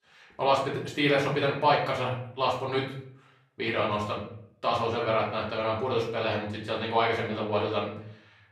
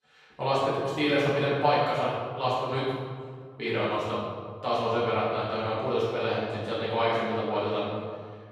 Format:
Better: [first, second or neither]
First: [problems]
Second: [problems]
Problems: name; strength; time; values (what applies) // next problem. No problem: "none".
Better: first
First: room echo; slight; dies away in 0.5 s // off-mic speech; far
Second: room echo; strong; dies away in 1.6 s // off-mic speech; far